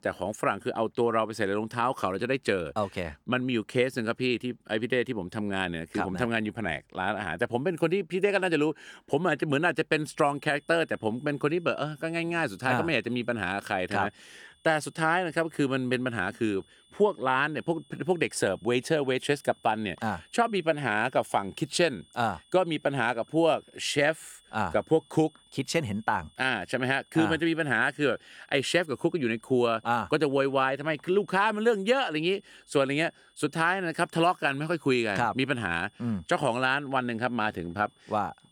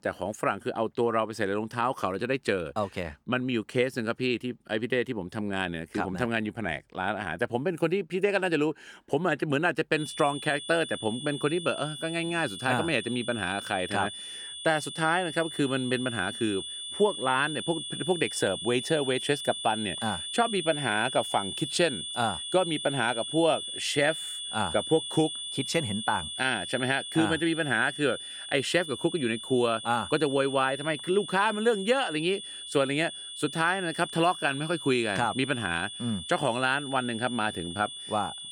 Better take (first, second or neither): first